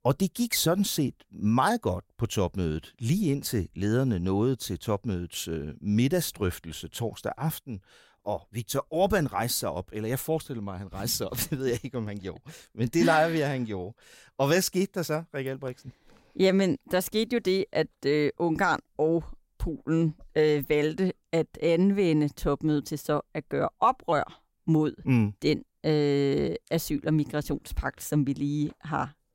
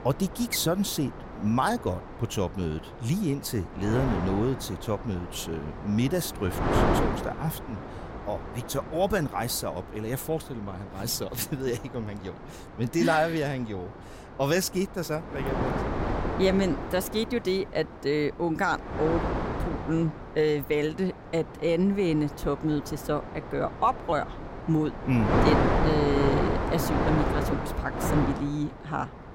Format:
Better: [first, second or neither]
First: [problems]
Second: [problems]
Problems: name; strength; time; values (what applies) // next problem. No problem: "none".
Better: first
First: none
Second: wind noise on the microphone; heavy; 2 dB below the speech